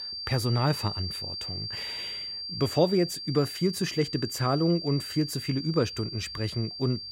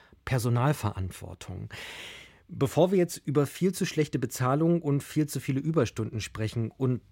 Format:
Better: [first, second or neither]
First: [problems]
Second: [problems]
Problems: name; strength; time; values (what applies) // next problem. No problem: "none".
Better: second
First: high-pitched whine; loud; throughout; 4.5 kHz, 6 dB below the speech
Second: none